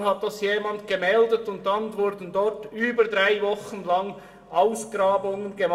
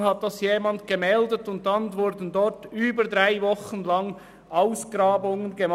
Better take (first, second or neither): second